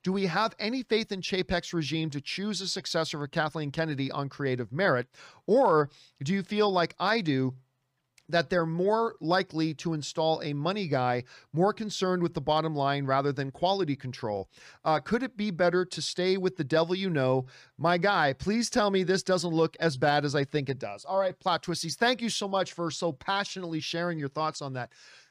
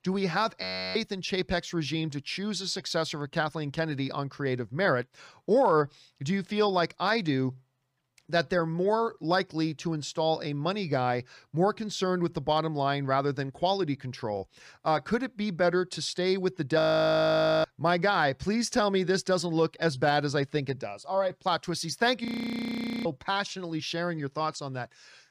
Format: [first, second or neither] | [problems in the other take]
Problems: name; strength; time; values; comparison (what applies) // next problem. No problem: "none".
first | audio freezing; at 0.5 s, at 17 s for 1 s and at 22 s for 1 s